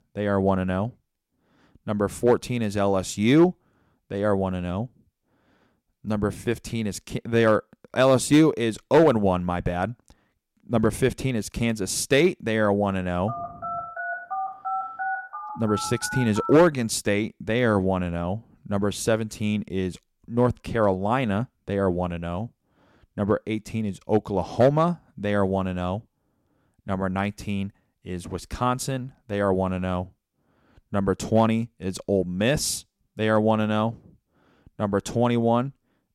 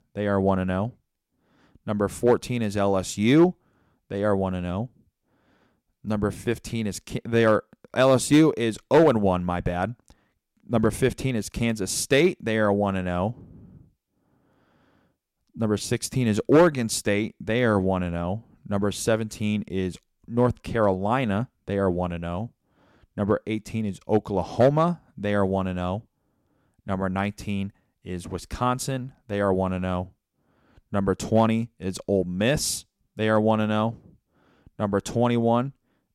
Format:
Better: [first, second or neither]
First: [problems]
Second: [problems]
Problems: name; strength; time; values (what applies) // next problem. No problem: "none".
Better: second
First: phone ringing; noticeable; from 13 to 17 s; peak 5 dB below the speech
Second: none